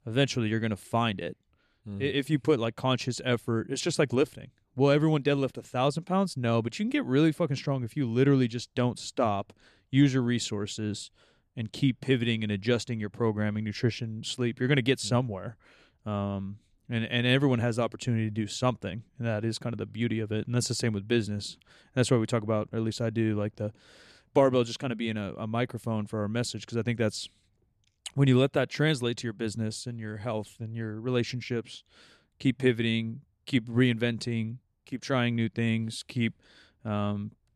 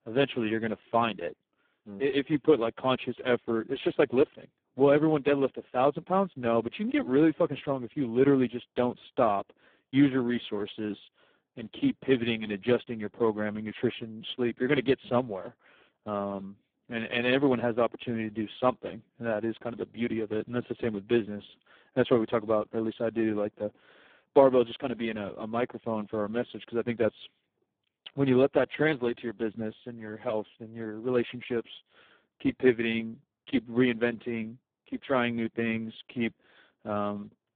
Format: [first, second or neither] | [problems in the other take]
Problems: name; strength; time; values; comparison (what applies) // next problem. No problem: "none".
first | phone-call audio; poor line